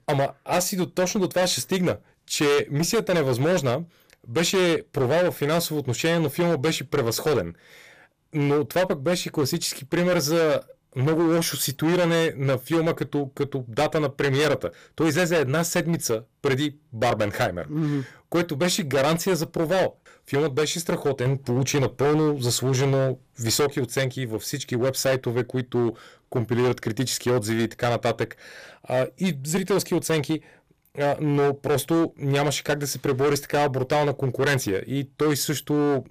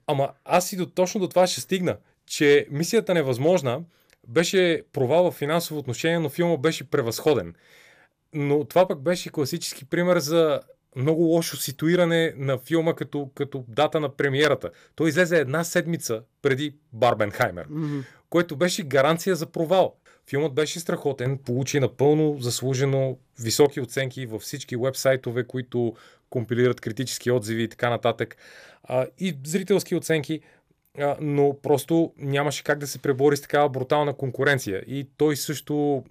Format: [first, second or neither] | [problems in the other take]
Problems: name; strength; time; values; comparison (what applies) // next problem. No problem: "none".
second | distortion; heavy; 15% of the sound clipped